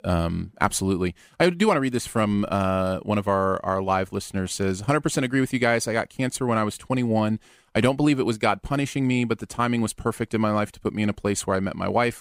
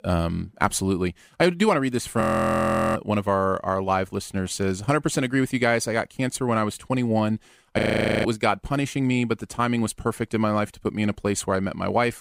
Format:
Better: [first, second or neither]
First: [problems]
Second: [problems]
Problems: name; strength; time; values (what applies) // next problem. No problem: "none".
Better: first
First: none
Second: audio freezing; at 2 s for 0.5 s and at 8 s